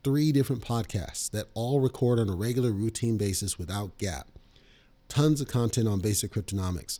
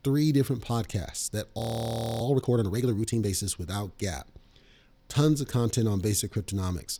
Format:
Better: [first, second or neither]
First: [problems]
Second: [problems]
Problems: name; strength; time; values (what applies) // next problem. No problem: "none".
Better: first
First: none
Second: audio freezing; at 1.5 s for 0.5 s